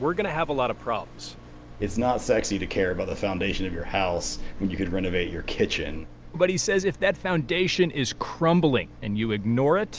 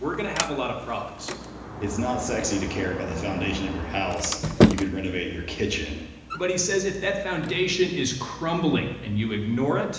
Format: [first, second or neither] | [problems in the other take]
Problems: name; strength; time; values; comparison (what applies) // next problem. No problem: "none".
first | background sound (Sliding door); 4 dB below the speech // room echo; dies away in 1 s